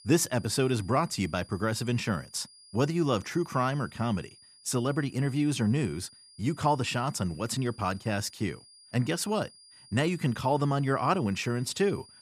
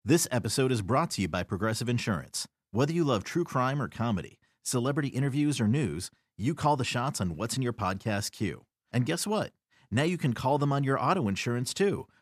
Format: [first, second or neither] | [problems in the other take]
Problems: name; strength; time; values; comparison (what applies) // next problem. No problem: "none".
second | high-pitched whine; faint; throughout; 5 kHz, 25 dB below the speech